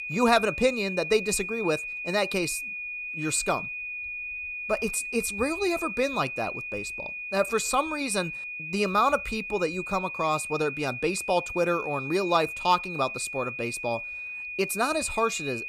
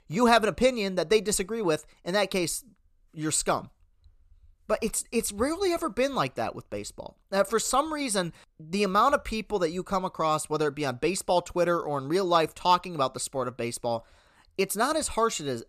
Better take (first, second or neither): second